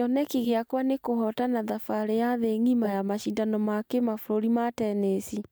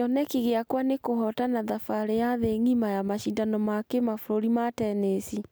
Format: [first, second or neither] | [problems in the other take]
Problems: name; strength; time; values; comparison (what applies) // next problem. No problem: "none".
second | noise reduction (neural mask model DeepFilterNet 3)